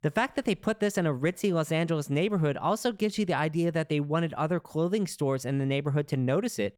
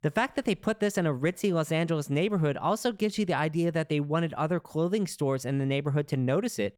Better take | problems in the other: neither | none

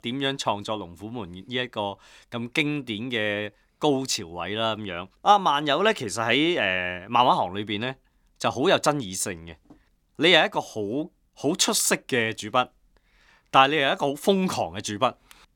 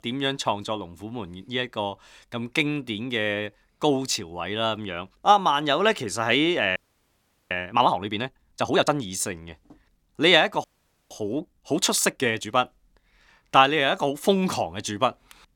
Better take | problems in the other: first | audio freezing; at 7 s for 1 s and at 11 s

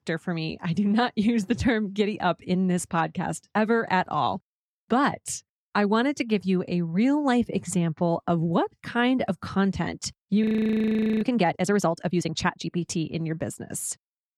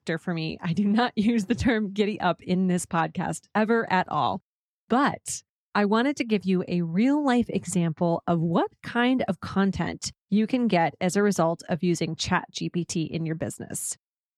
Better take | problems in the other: second | audio freezing; at 10 s for 1 s

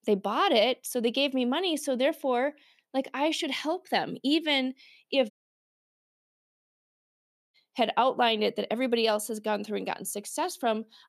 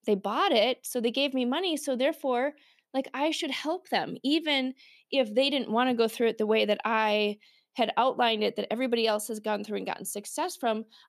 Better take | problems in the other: second | audio cutting out; at 5.5 s for 2 s

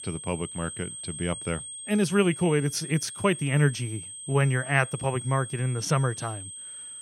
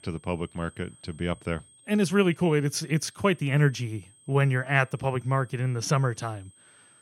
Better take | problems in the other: second | high-pitched whine; loud; throughout; 8.5 kHz, 10 dB below the speech; faint in the second

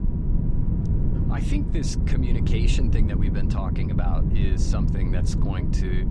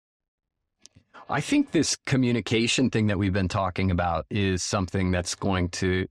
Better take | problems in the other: second | low rumble; loud; throughout; as loud as the speech

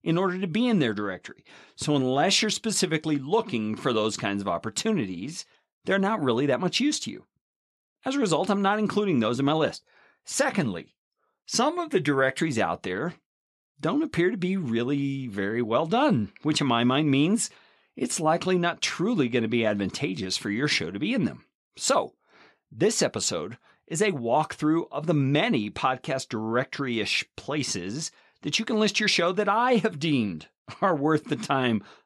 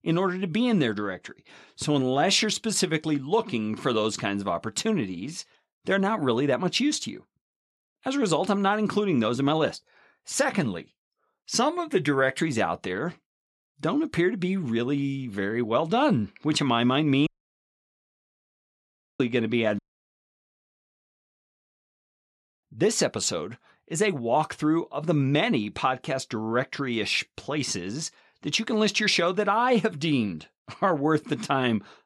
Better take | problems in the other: first | audio cutting out; at 17 s for 2 s and at 20 s for 3 s

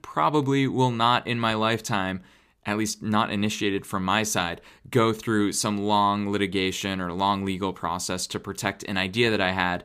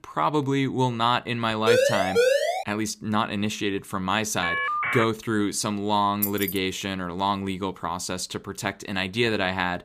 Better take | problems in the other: first | siren; loud; at 1.5 s; peak 5 dB above the speech // phone ringing; loud; at 4.5 s; peak 1 dB above the speech // jangling keys; noticeable; at 6 s; peak 2 dB below the speech

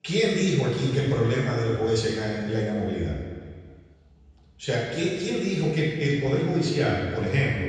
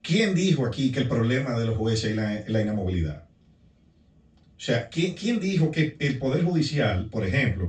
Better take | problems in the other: second | room echo; strong; dies away in 1.6 s; slight in the second // off-mic speech; far; far in the second

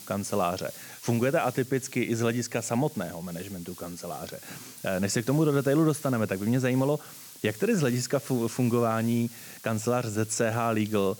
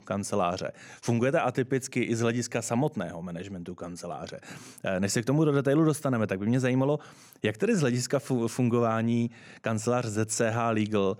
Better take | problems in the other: second | hiss; noticeable; throughout; 15 dB below the speech

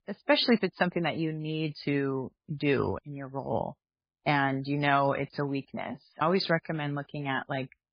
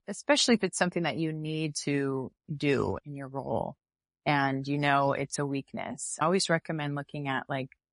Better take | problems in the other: second | garbled, watery; badly; nothing above 4.5 kHz; slightly in the second

